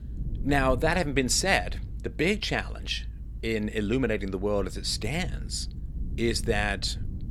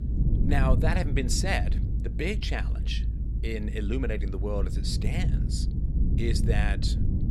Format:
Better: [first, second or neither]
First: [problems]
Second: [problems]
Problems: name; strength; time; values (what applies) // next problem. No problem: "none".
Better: first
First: low rumble; faint; throughout; 25 dB below the speech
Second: low rumble; loud; throughout; 8 dB below the speech